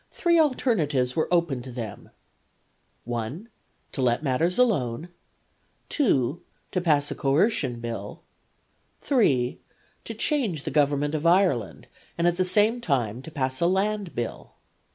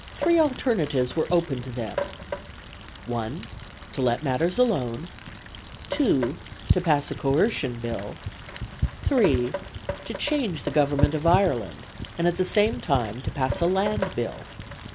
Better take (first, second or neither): first